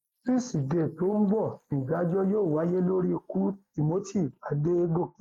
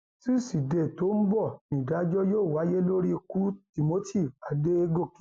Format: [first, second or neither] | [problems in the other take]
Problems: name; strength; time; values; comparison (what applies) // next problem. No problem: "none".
second | noise reduction (neural mask model Resemble Enhance denoiser)